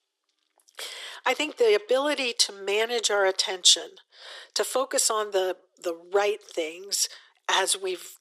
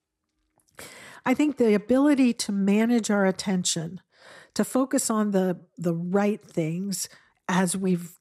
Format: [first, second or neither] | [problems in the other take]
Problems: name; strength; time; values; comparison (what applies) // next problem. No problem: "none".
second | thin; very; fading below 400 Hz